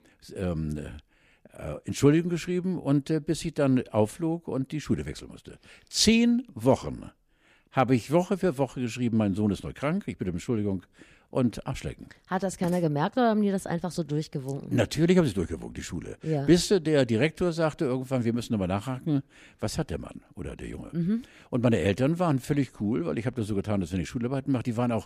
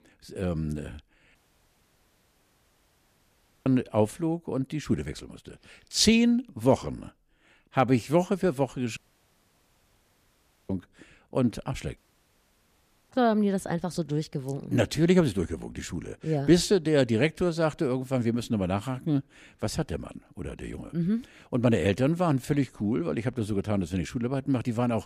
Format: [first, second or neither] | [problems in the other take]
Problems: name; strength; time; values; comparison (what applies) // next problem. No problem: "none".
first | audio cutting out; at 1.5 s for 2.5 s, at 9 s for 1.5 s and at 12 s for 1 s